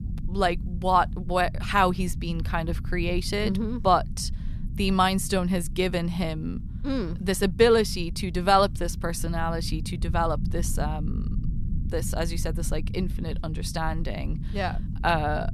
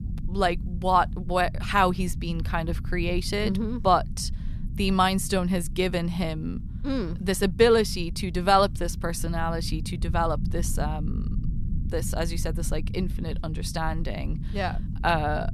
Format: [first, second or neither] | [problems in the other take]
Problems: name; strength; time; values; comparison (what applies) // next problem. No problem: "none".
neither | low rumble; faint; throughout; 20 dB below the speech; the same in both